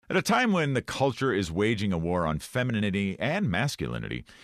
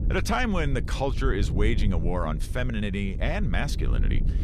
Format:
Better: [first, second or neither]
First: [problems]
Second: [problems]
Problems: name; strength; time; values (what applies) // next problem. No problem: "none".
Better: first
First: none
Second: wind noise on the microphone; occasional gusts; 15 dB below the speech